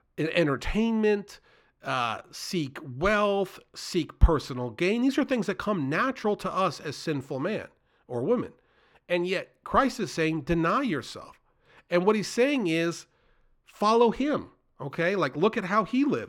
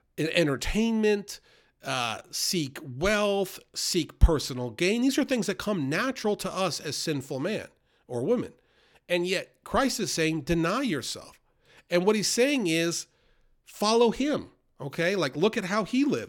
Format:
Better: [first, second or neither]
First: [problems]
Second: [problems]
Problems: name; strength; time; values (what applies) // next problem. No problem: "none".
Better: second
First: muffled; slightly; fading above 4 kHz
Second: none